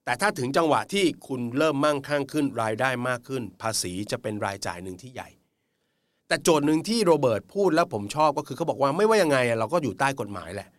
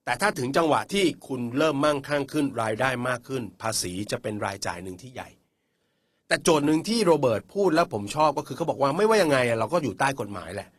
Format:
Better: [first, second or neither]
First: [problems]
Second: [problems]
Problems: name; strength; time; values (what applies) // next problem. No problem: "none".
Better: first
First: none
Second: garbled, watery; slightly